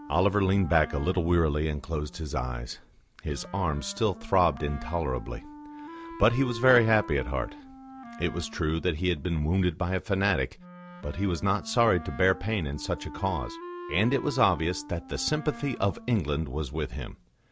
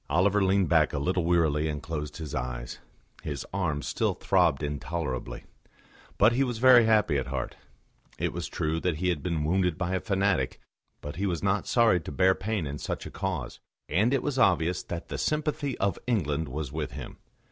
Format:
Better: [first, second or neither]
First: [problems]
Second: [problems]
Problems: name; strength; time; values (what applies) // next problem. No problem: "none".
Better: second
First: background sound (Wind instrument, woodwind instrument); 16 dB below the speech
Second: none